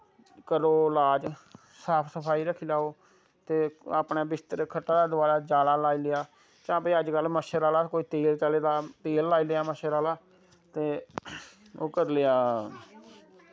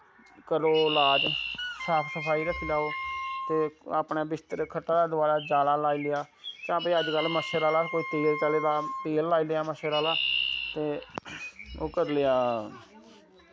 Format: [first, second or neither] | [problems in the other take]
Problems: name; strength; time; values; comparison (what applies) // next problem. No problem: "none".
first | background sound (Wind instrument, woodwind instrument + Chirp, tweet); 7 dB below the speech